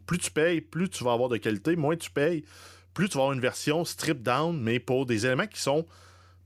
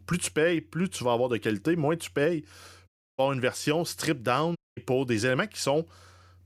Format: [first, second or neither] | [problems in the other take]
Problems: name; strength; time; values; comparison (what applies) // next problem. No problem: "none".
first | audio cutting out; at 3 s and at 4.5 s